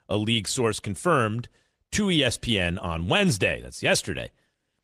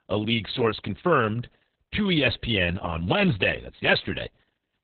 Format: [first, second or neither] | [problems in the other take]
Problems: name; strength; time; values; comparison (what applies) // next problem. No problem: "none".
first | garbled, watery; badly; nothing above 4 kHz; slightly in the first